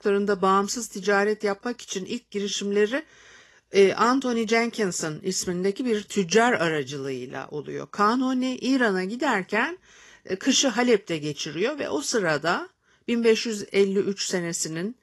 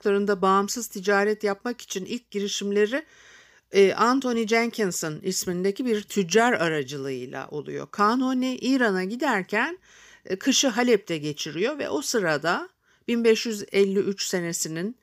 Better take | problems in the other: second | garbled, watery; slightly; nothing above 12 kHz

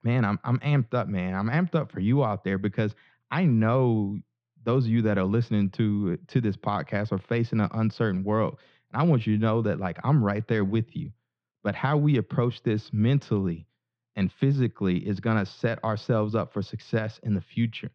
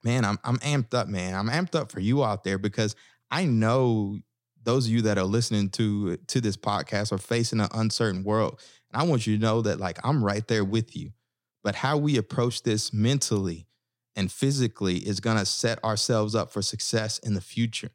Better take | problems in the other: second | muffled; very; fading above 3 kHz

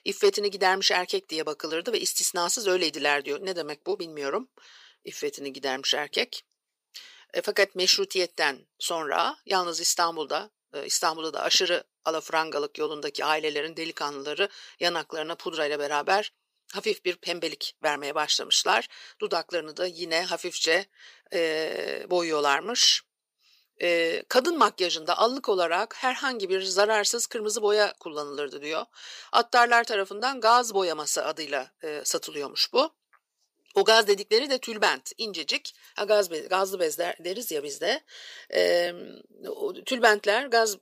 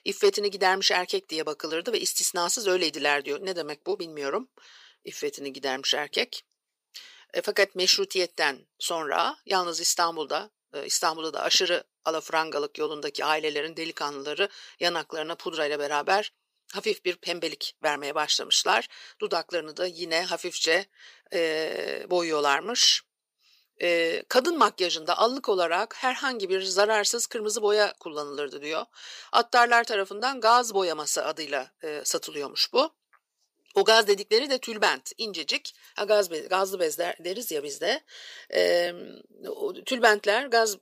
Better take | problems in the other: neither | thin; very; fading below 550 Hz; the same in both

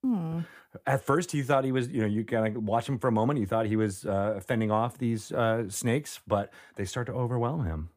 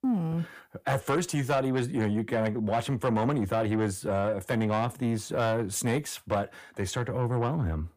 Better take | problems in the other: first | distortion; slight; 10 dB below the speech

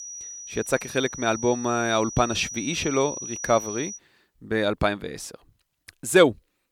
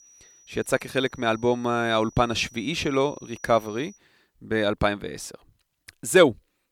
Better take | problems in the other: second | high-pitched whine; loud; until 4 s; 6 kHz, 10 dB below the speech; faint in the second

